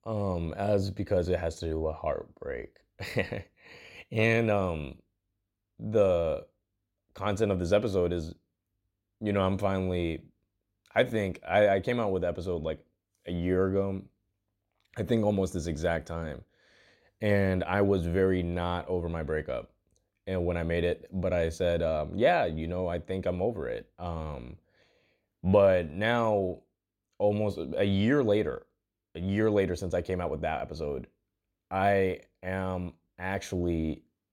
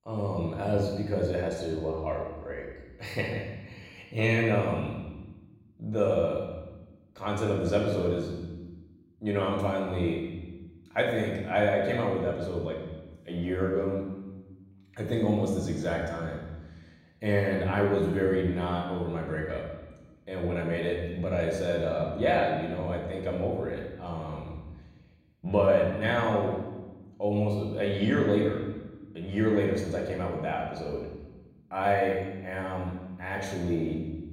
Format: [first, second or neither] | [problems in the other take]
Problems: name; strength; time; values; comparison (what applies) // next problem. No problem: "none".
first | room echo; noticeable; dies away in 1.1 s // off-mic speech; far